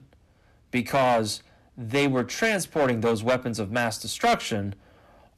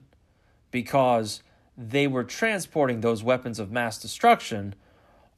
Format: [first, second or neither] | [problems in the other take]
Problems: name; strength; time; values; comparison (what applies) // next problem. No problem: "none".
second | distortion; heavy; 7% of the sound clipped